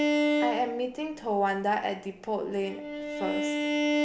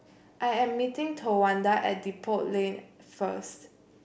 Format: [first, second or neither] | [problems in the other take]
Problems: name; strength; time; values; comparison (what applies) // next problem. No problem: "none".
second | background sound (Bowed string instrument); 1 dB above the speech